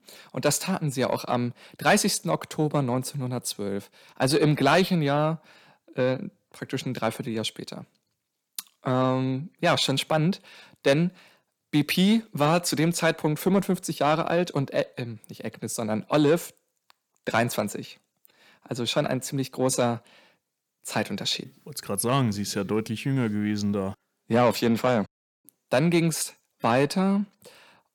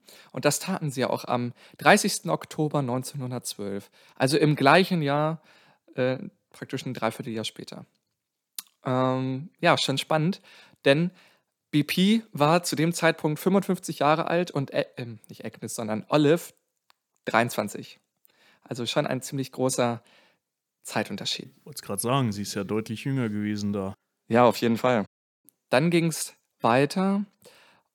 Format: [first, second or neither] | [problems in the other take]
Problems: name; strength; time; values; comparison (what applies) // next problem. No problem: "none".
second | distortion; slight; 10 dB below the speech